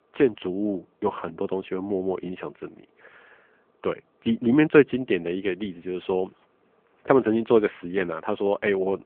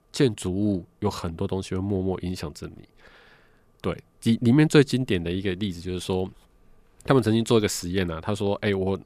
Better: second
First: phone-call audio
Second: none

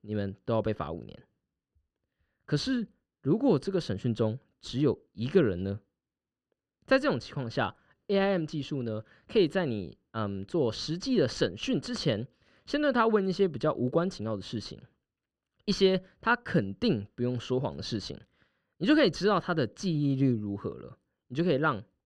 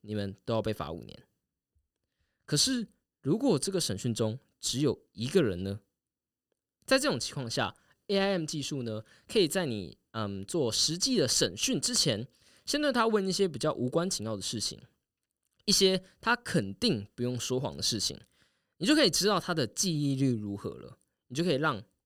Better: second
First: muffled; slightly; fading above 2.5 kHz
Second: none

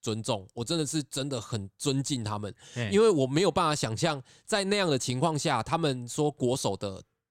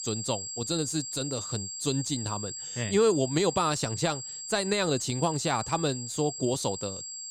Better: first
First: none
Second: high-pitched whine; loud; throughout; 7.5 kHz, 6 dB below the speech

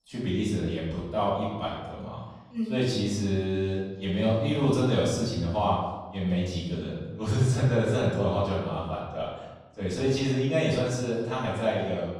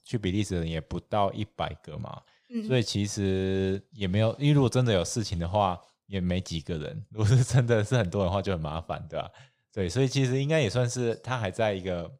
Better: second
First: off-mic speech; far // room echo; noticeable; dies away in 1 s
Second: none

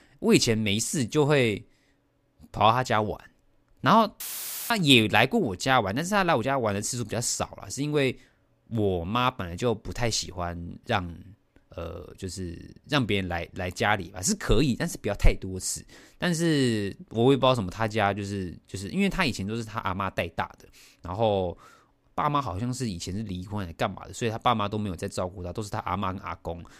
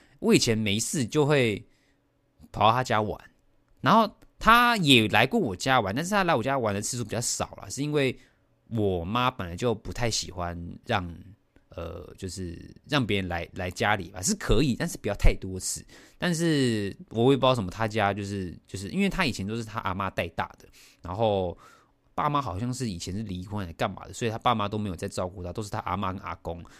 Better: second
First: audio cutting out; filled with static; at 4 s for 0.5 s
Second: none

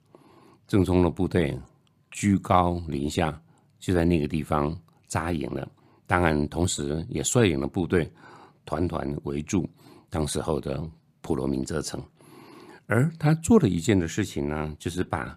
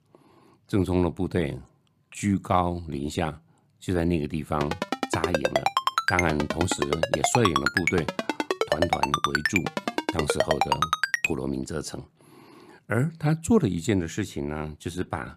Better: first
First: none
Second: phone ringing; loud; from 4.5 to 11 s; peak 4 dB above the speech

